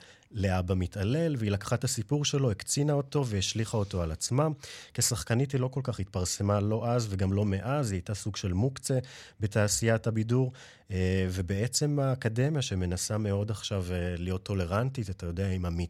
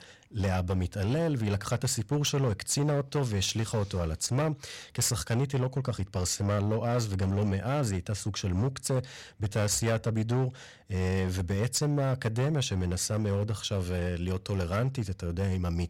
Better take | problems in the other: first | distortion; slight; 11% of the sound clipped

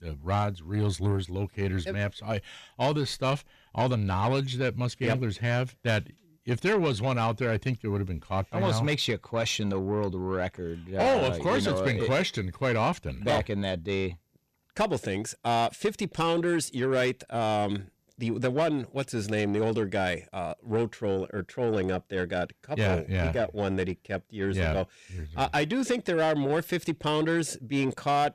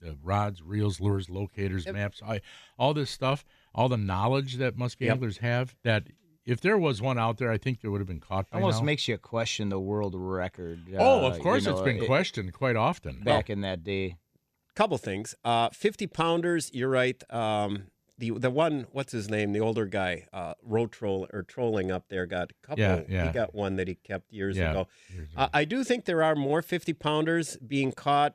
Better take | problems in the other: second | distortion; slight; 10 dB below the speech

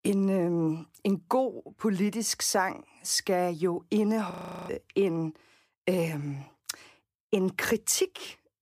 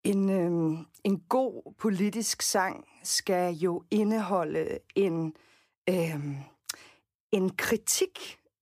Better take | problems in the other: second | audio freezing; at 4.5 s

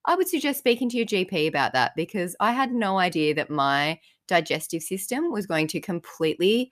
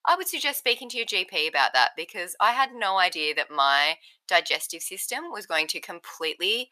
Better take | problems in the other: first | thin; very; fading below 900 Hz

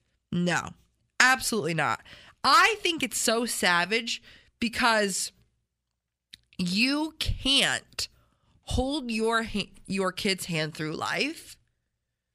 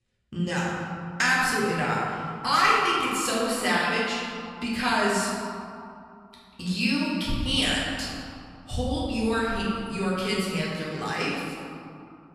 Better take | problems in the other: first | room echo; strong; dies away in 2.4 s // off-mic speech; far

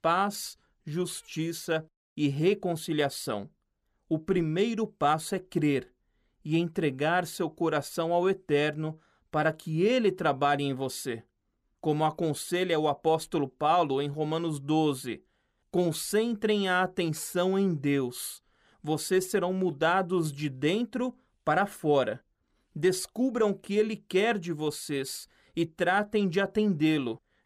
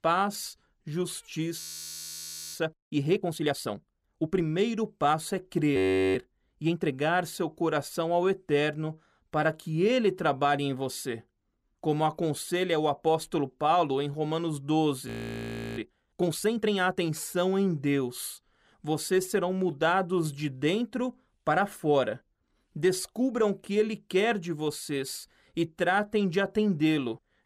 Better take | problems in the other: first | audio freezing; at 1.5 s for 1 s, at 6 s and at 15 s for 0.5 s

